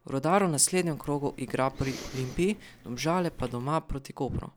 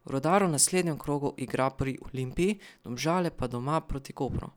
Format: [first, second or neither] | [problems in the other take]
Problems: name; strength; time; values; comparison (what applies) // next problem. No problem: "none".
second | background sound (Respiratory sounds); 18 dB below the speech